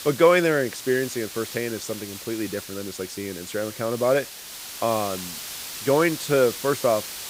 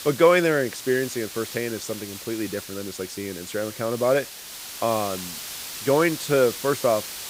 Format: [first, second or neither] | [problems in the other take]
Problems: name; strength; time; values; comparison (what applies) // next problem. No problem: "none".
neither | hiss; loud; throughout; 10 dB below the speech; the same in both